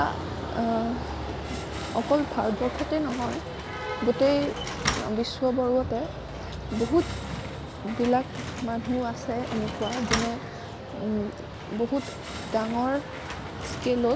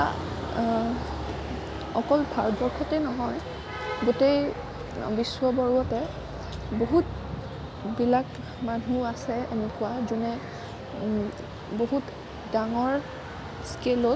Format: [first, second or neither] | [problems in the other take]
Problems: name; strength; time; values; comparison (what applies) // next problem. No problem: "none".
second | background sound (Slam); 10 dB below the speech